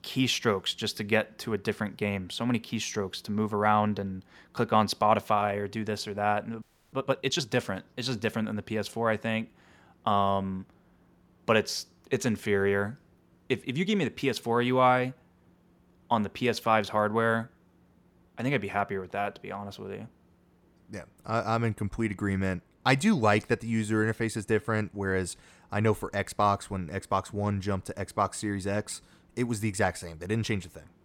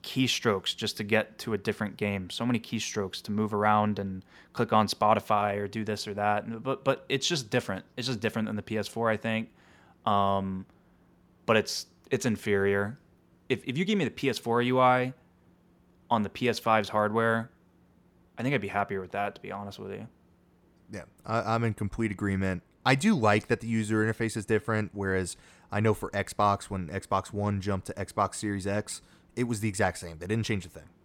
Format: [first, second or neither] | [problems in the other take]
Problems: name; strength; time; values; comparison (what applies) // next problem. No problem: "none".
second | audio freezing; at 6.5 s